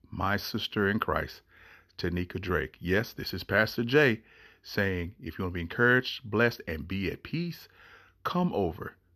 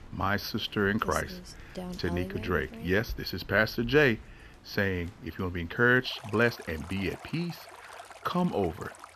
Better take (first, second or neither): first